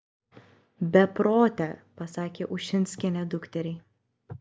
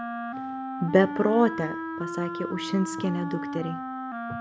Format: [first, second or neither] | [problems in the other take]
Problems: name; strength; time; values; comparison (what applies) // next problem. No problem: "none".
first | background sound (Wind instrument, woodwind instrument); 6 dB below the speech